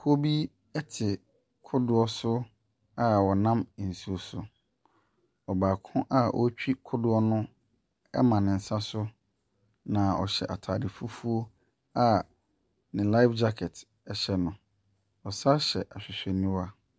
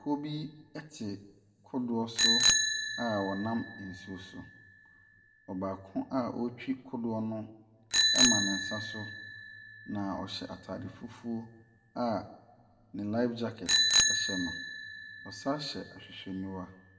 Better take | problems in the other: first | background sound (Bicycle bell); 3 dB above the speech // room echo; dies away in 1 s

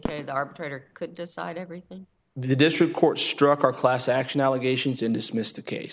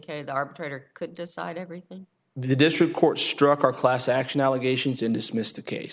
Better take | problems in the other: second | background sound (Fireworks); 17 dB below the speech

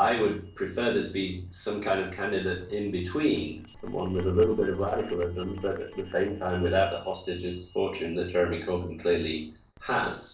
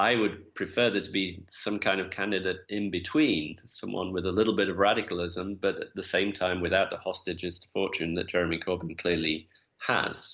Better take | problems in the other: second | noise reduction (neural separator model SepFormer DNS4)

